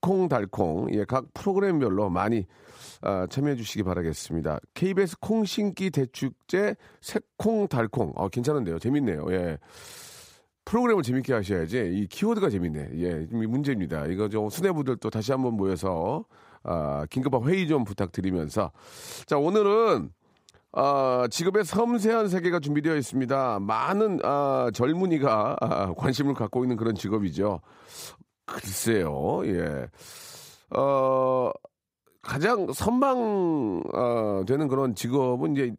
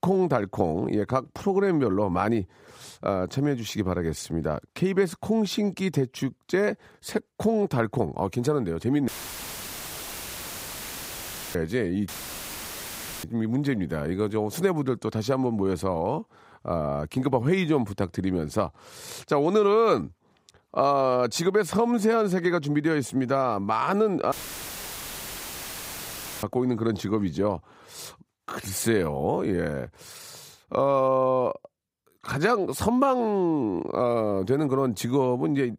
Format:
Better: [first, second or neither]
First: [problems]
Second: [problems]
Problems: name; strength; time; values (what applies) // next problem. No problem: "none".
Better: first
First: none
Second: audio cutting out; filled with static; at 9 s for 2.5 s, at 12 s for 1 s and at 24 s for 2 s